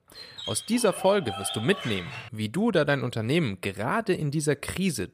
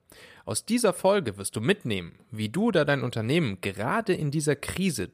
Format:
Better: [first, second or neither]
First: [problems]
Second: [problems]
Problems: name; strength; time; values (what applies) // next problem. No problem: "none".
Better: second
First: dog barking; noticeable; until 2.5 s; peak 7 dB below the speech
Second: none